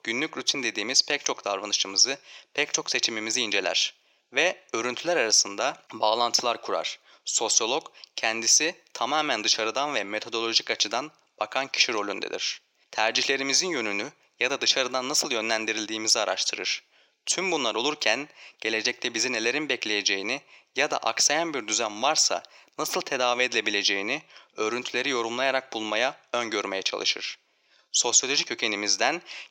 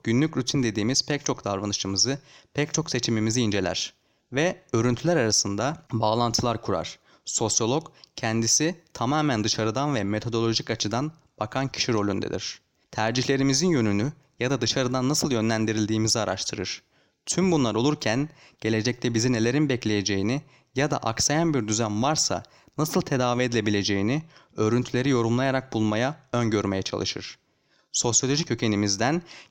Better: second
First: thin; very; fading below 550 Hz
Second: none

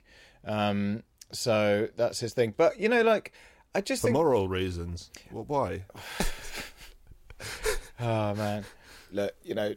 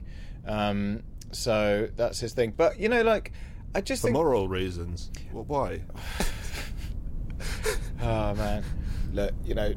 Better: first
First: none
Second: low rumble; faint; throughout; 25 dB below the speech

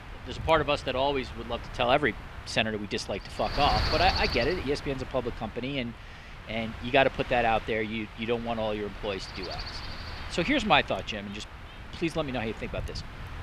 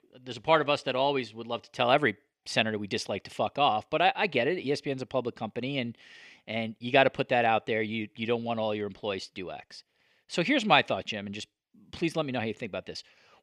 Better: second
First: wind noise on the microphone; occasional gusts; 10 dB below the speech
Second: none

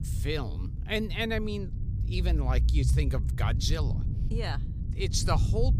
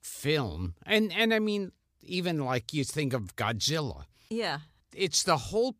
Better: second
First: low rumble; noticeable; throughout; 10 dB below the speech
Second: none

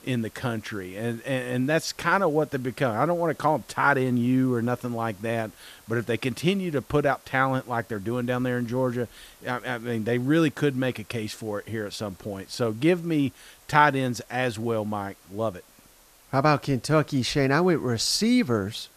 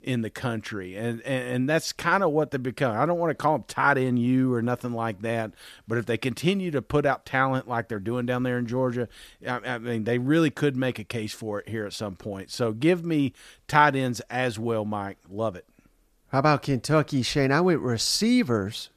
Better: second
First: hiss; faint; throughout; 25 dB below the speech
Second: none

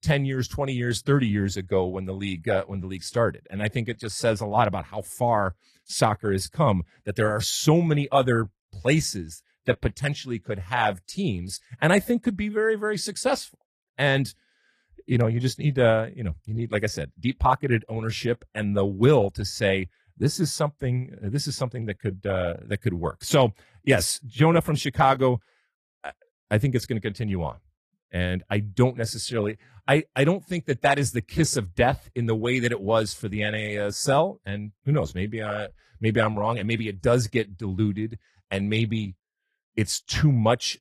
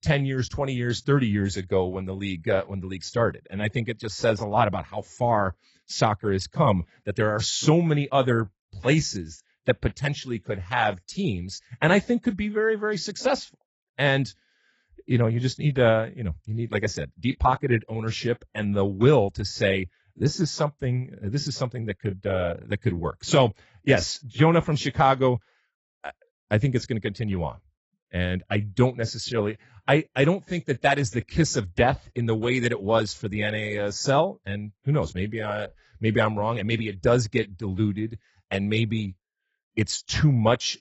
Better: first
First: garbled, watery; slightly; nothing above 14 kHz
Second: garbled, watery; badly; nothing above 7.5 kHz

